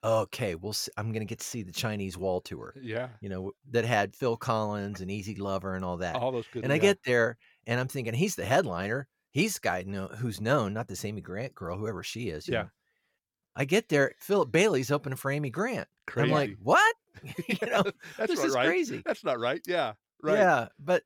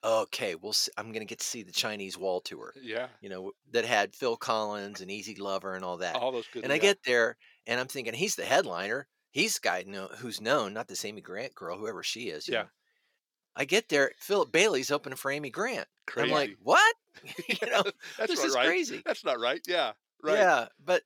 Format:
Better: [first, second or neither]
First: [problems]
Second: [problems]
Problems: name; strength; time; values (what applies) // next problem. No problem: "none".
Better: first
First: none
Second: thin; somewhat; fading below 300 Hz